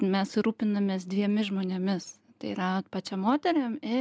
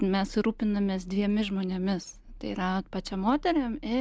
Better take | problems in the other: first | background sound (Growling); 18 dB below the speech

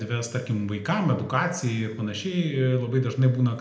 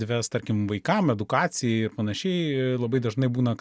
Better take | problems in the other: second | room echo; dies away in 0.7 s

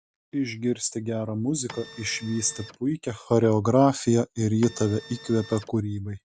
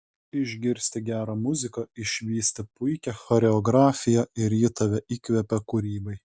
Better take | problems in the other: second | background sound (Printer); 18 dB below the speech

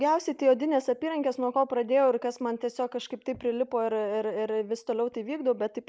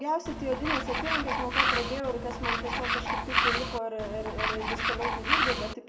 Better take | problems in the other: first | background sound (Tools); 5 dB above the speech // room echo; dies away in 2.2 s

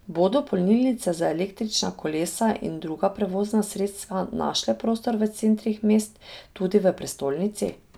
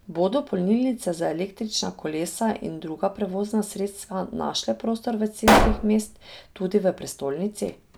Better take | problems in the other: first | background sound (Explosion); 5 dB above the speech

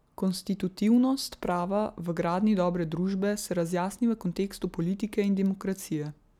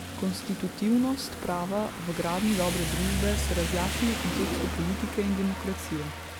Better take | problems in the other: first | background sound (Rain); 3 dB below the speech

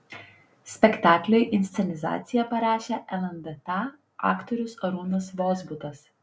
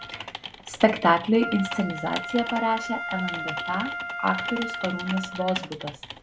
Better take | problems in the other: first | background sound (Wind instrument, woodwind instrument + Typing); 7 dB below the speech

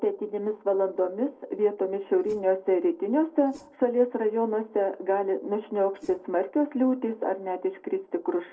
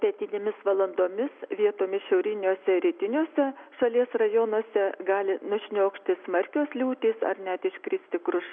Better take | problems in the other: second | noise reduction (neural separator model SepFormer DNS4)

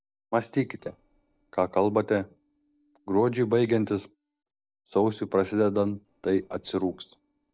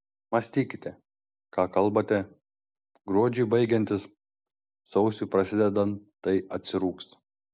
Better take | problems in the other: second | noise reduction (neural separator model SepFormer DNS4)

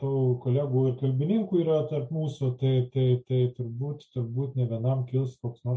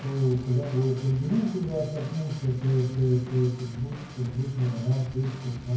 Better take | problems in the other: first | background sound (Drum / Drum kit); 16 dB below the speech // room echo; dies away in 0.9 s

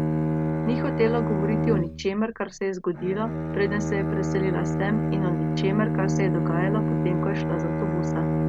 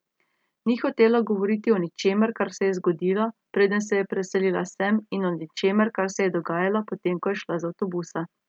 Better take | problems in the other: second | background sound (Bowed string instrument); 3 dB above the speech

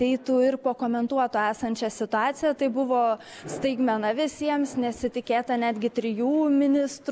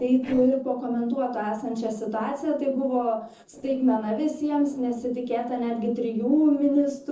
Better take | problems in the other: first | noise reduction (neural separator model SepFormer DNS4)

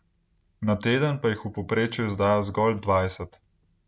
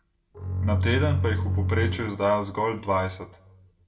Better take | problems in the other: first | background sound (Bowed string instrument); 2 dB above the speech // room echo; dies away in 0.4 s

